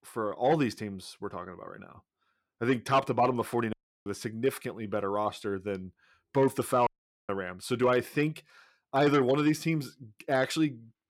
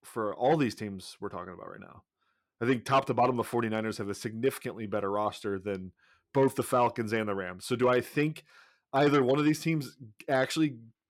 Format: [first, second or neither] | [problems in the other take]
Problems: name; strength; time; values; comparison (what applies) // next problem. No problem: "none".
second | audio cutting out; at 3.5 s and at 7 s